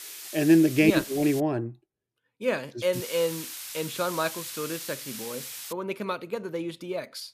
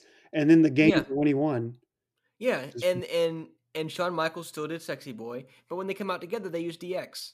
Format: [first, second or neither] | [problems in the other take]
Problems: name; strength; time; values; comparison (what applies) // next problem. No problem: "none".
second | hiss; loud; until 1.5 s and from 3 to 5.5 s; 10 dB below the speech